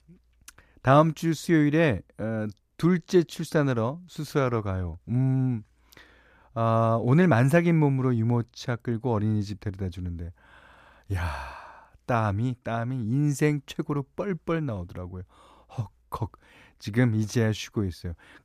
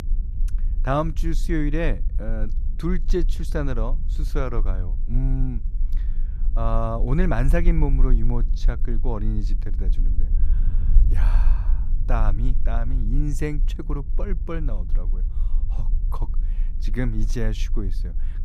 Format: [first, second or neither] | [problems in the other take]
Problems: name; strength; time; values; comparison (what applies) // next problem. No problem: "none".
first | low rumble; noticeable; throughout; 15 dB below the speech